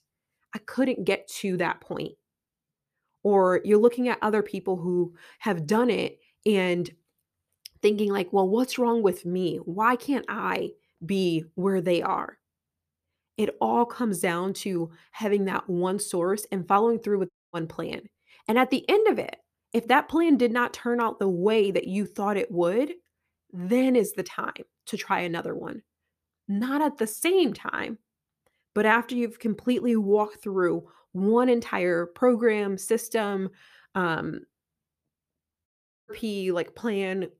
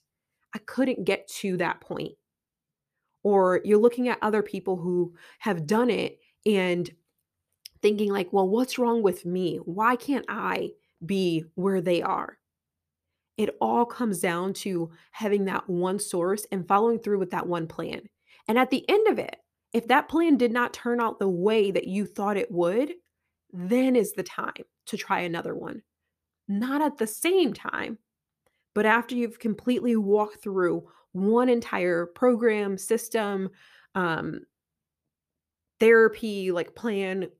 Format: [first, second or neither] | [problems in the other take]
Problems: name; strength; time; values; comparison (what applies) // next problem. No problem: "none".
second | audio cutting out; at 17 s and at 36 s